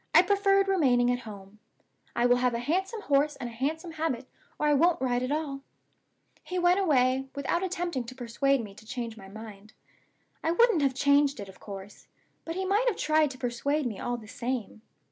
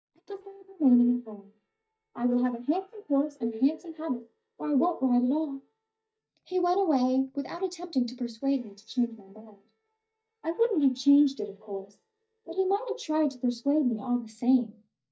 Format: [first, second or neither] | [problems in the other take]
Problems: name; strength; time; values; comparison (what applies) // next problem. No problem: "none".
first | noise reduction (neural mask model DeepFilterNet 3)